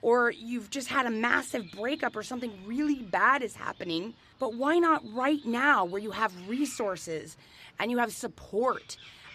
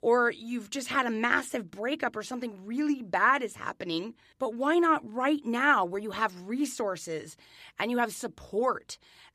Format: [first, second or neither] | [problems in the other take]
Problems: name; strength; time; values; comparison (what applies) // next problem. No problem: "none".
second | animal sounds; faint; throughout; 25 dB below the speech